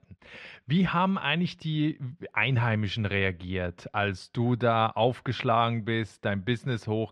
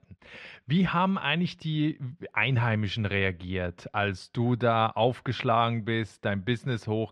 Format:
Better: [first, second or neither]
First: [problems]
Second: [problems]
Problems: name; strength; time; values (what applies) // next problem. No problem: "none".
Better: neither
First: muffled; slightly; fading above 3 kHz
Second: muffled; slightly; fading above 3 kHz